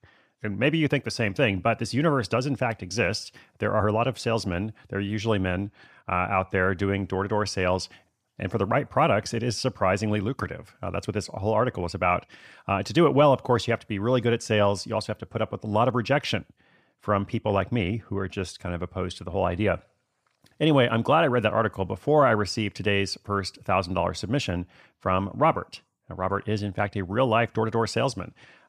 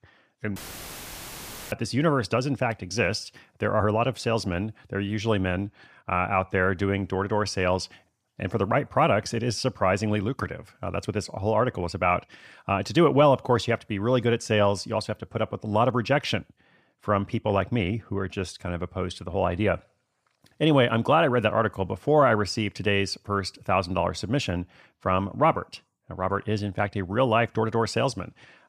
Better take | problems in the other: first | audio cutting out; filled with static; at 0.5 s for 1 s

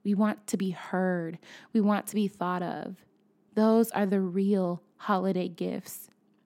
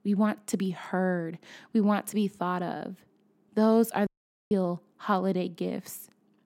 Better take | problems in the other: first | audio cutting out; at 4 s

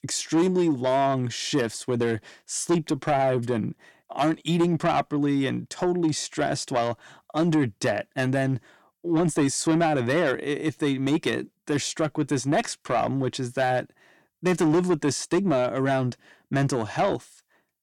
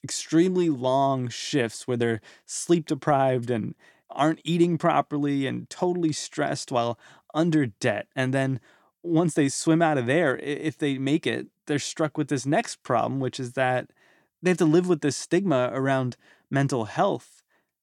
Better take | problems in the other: second | distortion; slight; 10 dB below the speech

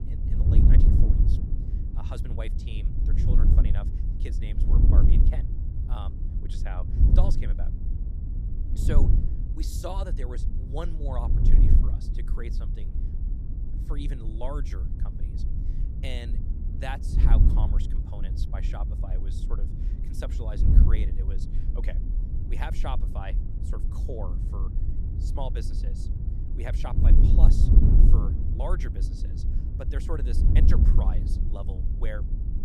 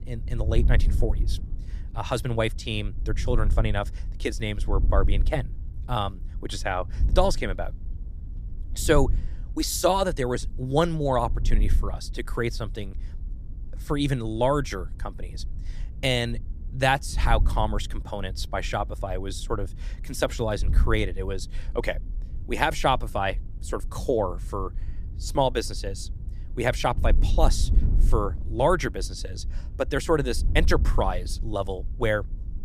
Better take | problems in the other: second | wind noise on the microphone; heavy; 1 dB below the speech; occasional gusts in the second

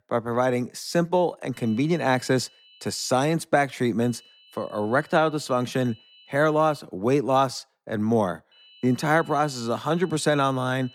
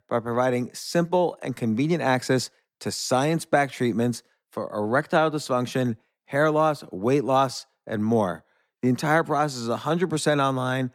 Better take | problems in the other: second | high-pitched whine; faint; from 1.5 to 3 s, from 4 to 7 s and from 8.5 s on; 3 kHz, 25 dB below the speech

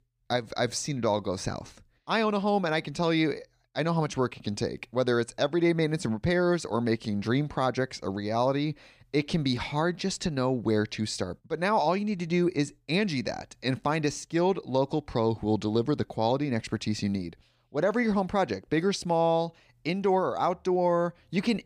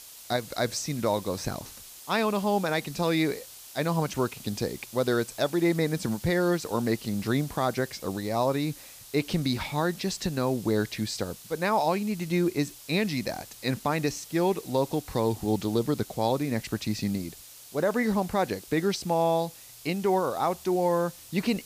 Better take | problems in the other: first | hiss; noticeable; throughout; 15 dB below the speech

